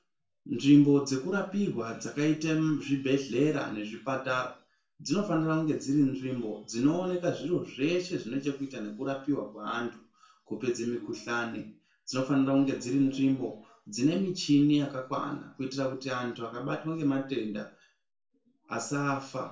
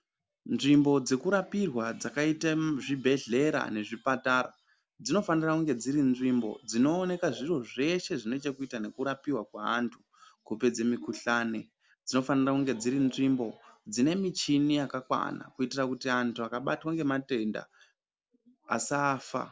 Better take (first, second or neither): second